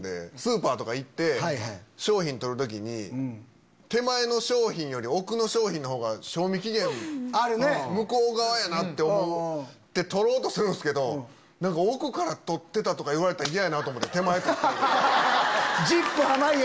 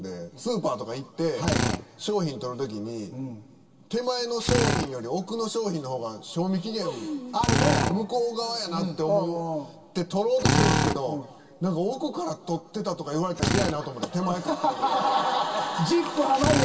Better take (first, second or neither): first